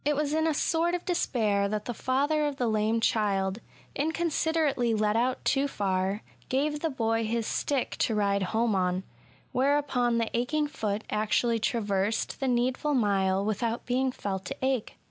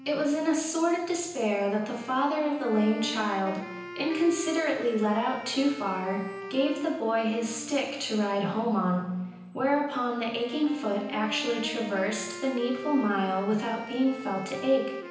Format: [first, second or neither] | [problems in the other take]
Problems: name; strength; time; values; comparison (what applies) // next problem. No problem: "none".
first | background sound (Wind instrument, woodwind instrument); 13 dB below the speech // room echo; dies away in 0.9 s